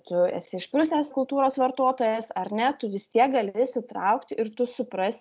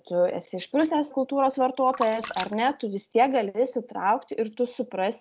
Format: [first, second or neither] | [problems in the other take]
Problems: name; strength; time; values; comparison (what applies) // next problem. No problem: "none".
first | background sound (Splash, splatter); 14 dB below the speech